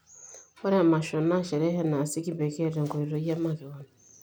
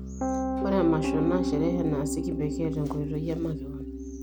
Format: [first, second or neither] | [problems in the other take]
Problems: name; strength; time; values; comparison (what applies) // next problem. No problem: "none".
first | background sound (Piano); as loud as the speech